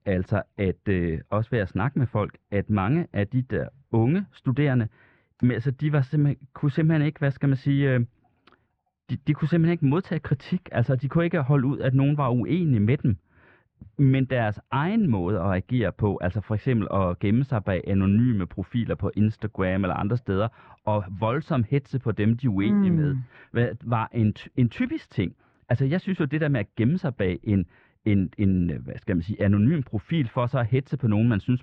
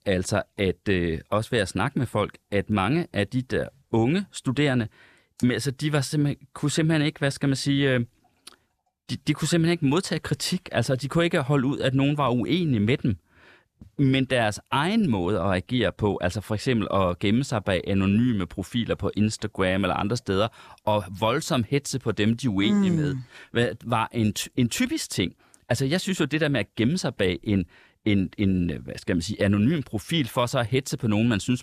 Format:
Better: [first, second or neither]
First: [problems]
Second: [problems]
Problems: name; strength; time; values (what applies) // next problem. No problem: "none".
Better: second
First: muffled; very; fading above 2.5 kHz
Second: none